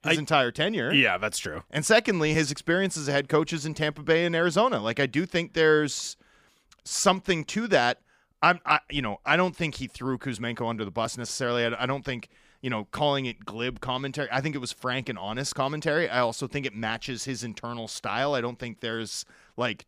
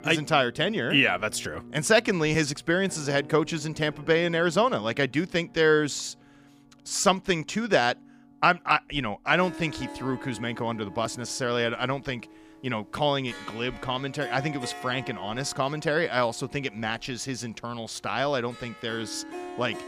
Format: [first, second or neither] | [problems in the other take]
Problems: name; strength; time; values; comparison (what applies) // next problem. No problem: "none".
first | background music; noticeable; throughout; 20 dB below the speech